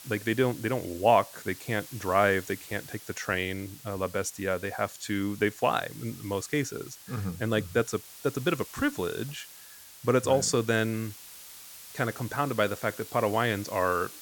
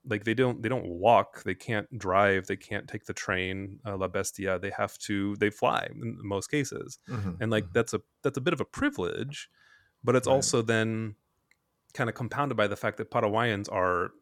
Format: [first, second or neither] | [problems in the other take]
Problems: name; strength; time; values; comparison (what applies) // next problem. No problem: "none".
second | hiss; noticeable; throughout; 15 dB below the speech